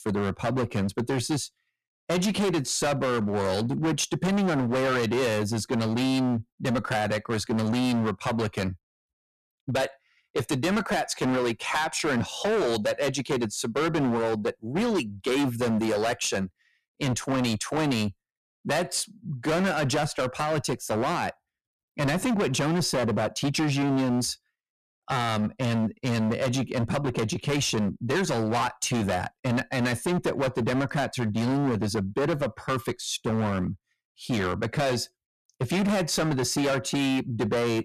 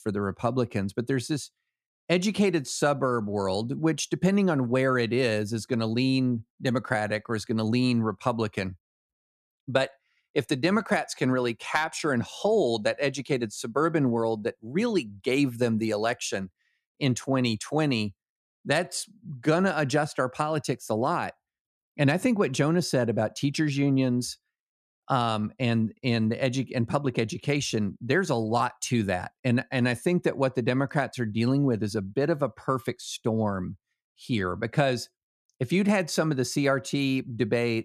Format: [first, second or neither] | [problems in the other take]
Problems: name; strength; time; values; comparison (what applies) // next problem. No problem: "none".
second | distortion; heavy; 22% of the sound clipped